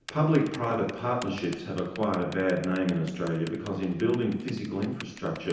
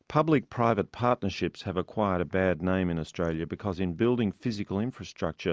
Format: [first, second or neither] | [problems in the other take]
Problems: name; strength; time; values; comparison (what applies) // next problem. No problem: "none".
second | background sound (Typing); 20 dB below the speech // room echo; dies away in 0.9 s